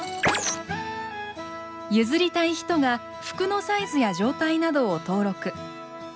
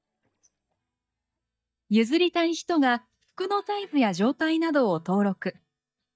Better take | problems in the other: first | noise reduction (neural mask model DeepFilterNet 3)

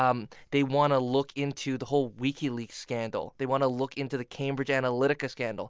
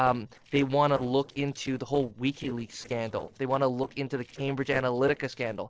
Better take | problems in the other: first | noise reduction (neural separator model SepFormer DNS4)

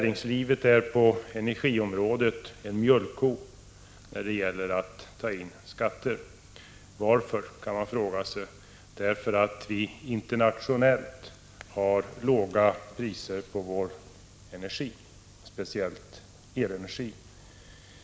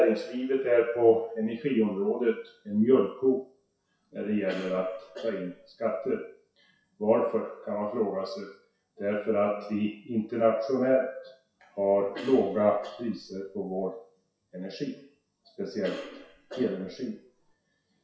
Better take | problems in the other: first | noise reduction (classical method WPE with log-MMSE)

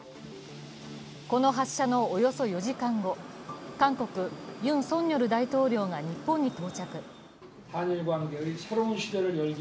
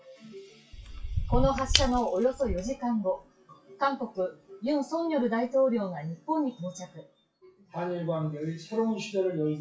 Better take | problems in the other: first | noise reduction (classical method WPE with log-MMSE)

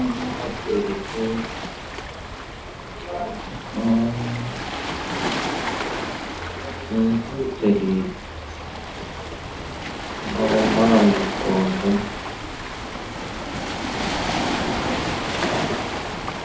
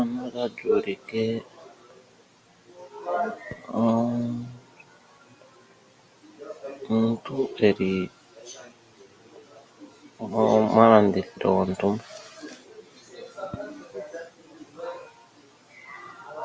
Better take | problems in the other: second | background sound (Waves, surf); 2 dB below the speech // room echo; dies away in 0.5 s

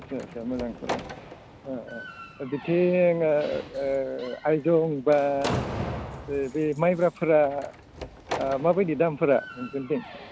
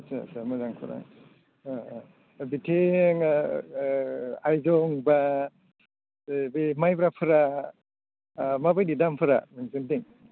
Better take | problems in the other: second | background sound (Slam); 11 dB below the speech

